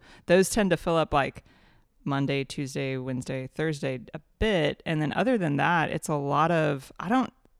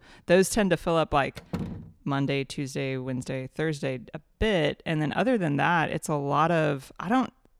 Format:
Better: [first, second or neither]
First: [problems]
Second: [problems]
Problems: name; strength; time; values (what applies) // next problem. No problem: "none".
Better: first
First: none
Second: door banging; noticeable; at 1.5 s; peak 8 dB below the speech